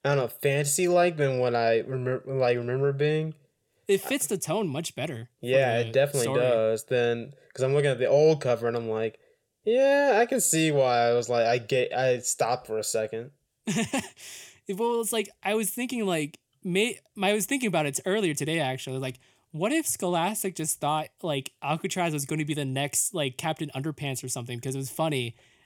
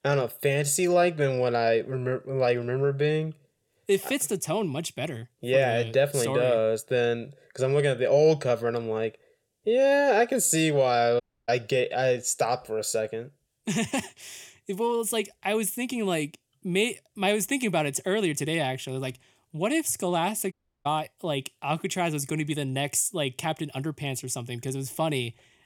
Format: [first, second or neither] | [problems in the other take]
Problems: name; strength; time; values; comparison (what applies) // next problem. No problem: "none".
first | audio cutting out; at 11 s and at 21 s